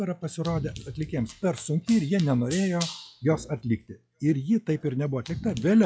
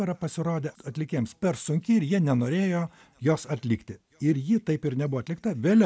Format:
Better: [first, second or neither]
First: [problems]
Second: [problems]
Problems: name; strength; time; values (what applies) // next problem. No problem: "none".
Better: second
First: noise reduction (classical method log-MMSE)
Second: none